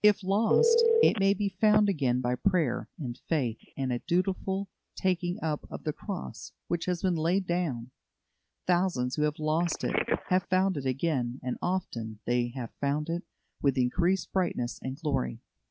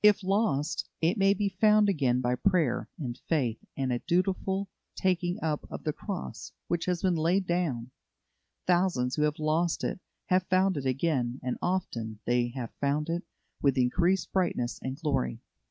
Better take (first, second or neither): second